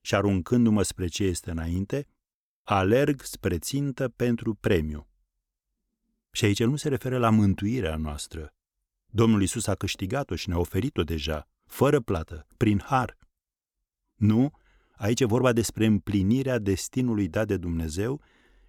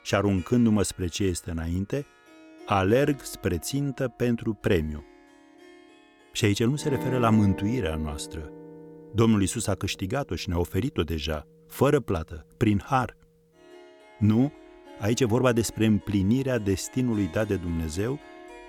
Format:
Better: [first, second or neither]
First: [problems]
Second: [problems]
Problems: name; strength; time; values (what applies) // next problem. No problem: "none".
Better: first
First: none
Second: background music; noticeable; throughout; 20 dB below the speech